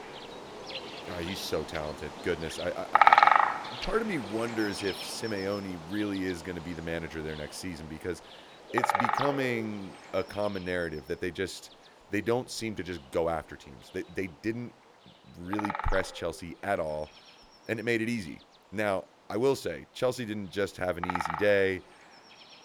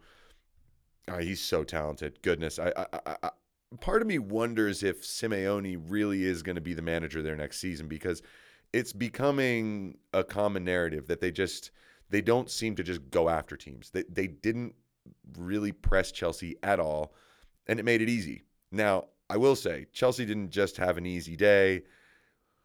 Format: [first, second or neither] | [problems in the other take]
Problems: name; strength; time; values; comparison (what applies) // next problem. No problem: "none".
second | animal sounds; very loud; throughout; 3 dB above the speech